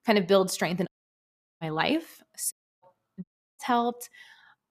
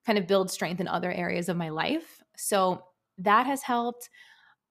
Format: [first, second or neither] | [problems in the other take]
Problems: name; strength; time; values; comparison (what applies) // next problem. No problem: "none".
second | audio cutting out; at 1 s for 0.5 s, at 2.5 s and at 3 s